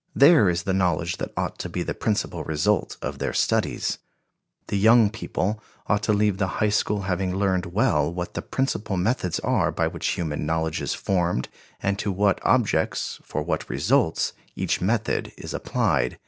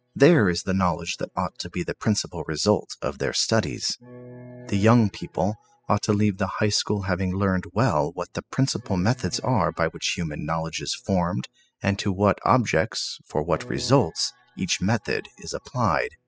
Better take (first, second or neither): first